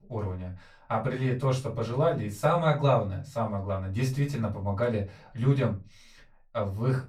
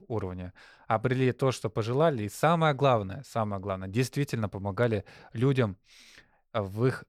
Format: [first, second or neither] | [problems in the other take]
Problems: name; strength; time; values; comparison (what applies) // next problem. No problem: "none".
second | off-mic speech; far // room echo; very slight; dies away in 0.2 s